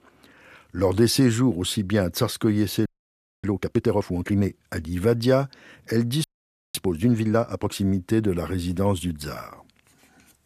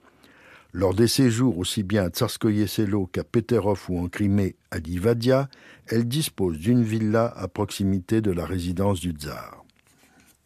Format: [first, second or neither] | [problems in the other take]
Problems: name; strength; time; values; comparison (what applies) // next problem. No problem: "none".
second | audio freezing; at 3 s for 0.5 s and at 6 s for 0.5 s